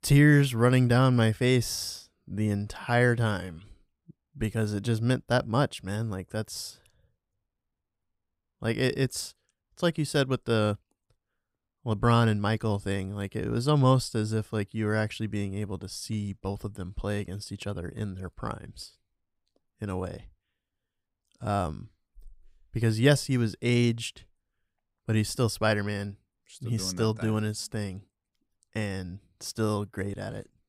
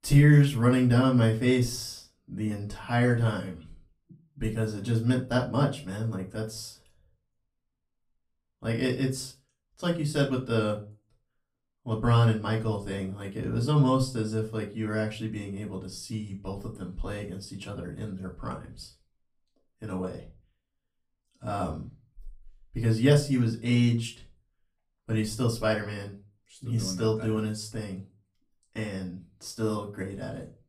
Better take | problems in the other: first | off-mic speech; far // room echo; very slight; dies away in 0.3 s

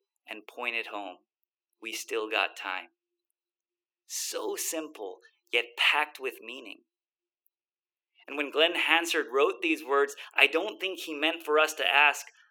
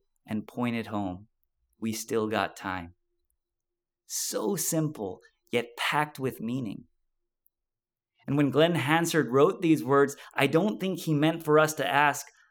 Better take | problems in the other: second | thin; very; fading below 350 Hz

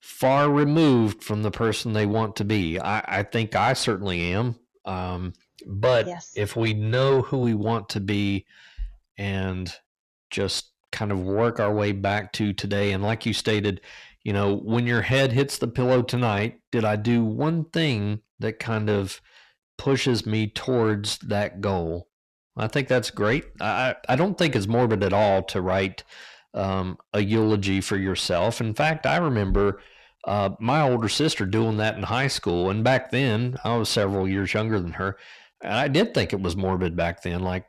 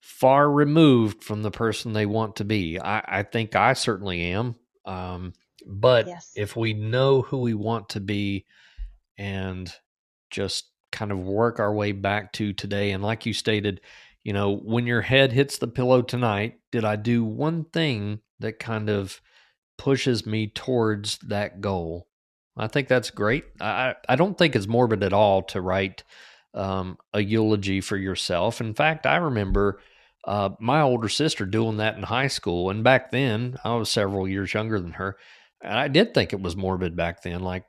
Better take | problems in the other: second | distortion; slight; 10 dB below the speech

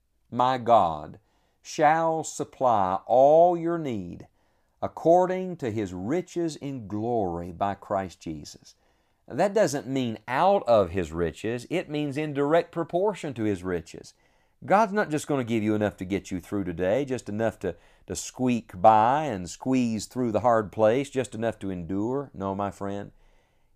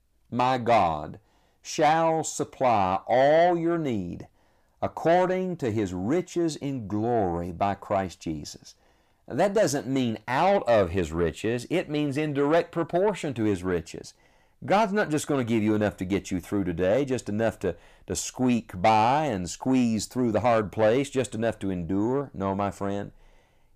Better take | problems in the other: first | distortion; slight; 10 dB below the speech

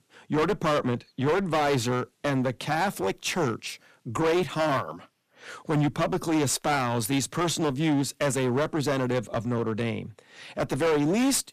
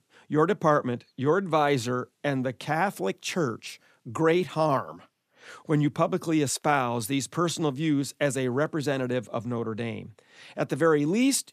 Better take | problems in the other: second | distortion; heavy; 16% of the sound clipped

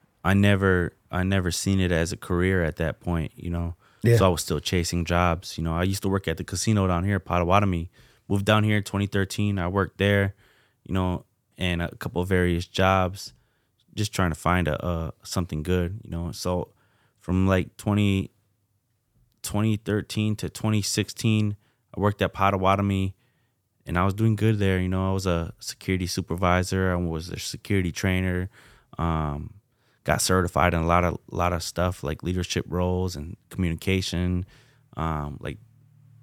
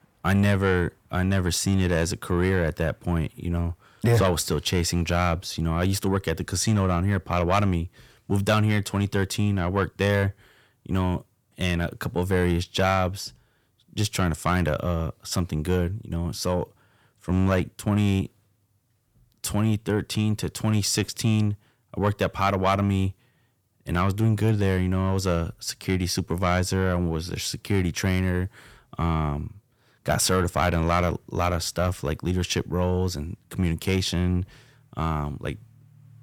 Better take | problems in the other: first | distortion; slight; 10 dB below the speech

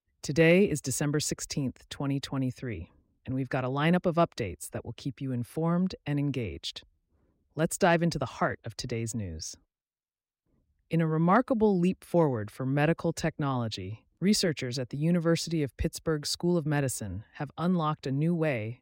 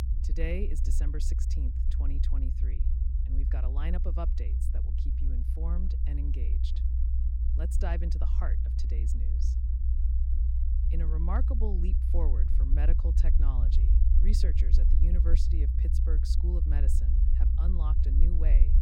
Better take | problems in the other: first | low rumble; loud; throughout; 3 dB below the speech

